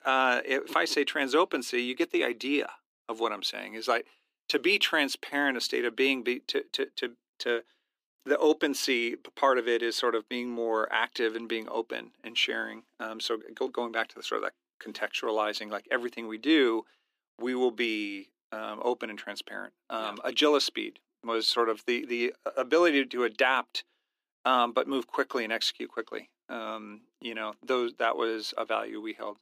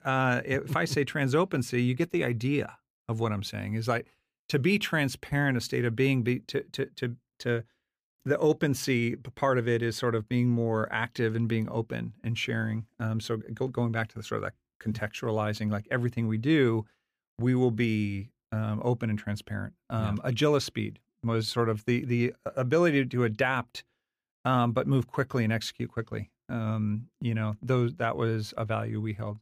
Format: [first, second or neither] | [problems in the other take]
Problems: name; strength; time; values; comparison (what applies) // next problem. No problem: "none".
second | thin; somewhat; fading below 300 Hz